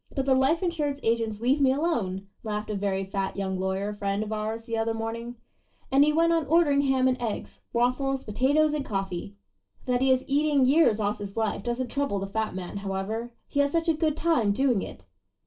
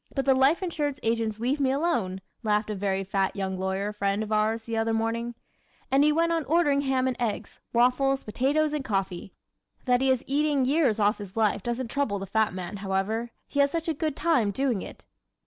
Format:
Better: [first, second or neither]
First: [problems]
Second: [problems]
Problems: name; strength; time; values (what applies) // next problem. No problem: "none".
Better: second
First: room echo; dies away in 0.2 s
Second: none